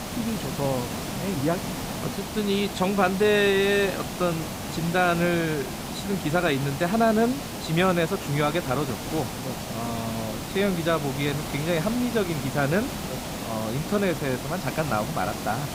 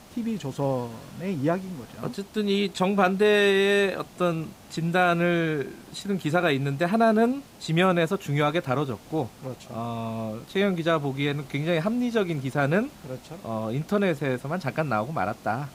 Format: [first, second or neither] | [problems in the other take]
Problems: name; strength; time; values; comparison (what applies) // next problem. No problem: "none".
second | hiss; loud; throughout; 6 dB below the speech; faint in the second